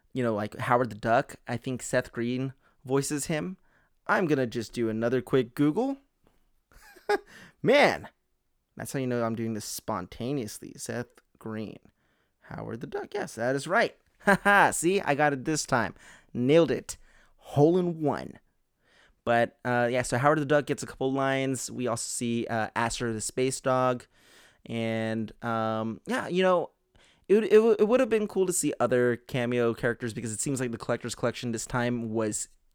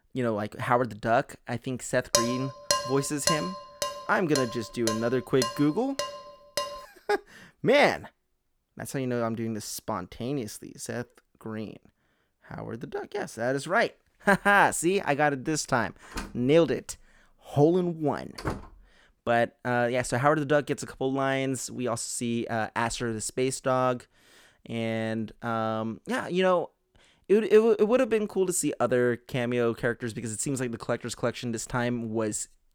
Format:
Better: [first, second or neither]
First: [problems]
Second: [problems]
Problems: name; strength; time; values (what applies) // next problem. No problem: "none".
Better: first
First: none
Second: clattering dishes; loud; from 2 to 6.5 s; peak 2 dB above the speech // door banging; noticeable; from 16 to 19 s; peak 8 dB below the speech